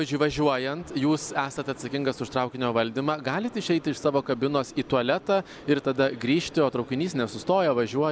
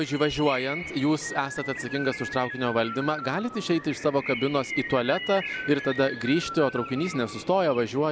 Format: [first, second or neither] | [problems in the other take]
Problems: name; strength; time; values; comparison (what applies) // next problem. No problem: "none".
first | background sound (Keyboard (musical) + Bird); 10 dB below the speech